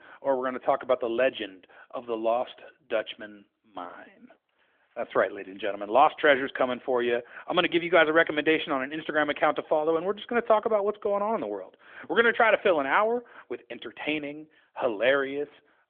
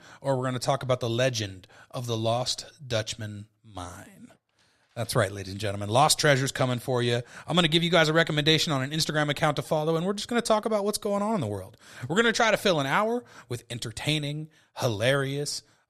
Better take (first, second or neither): second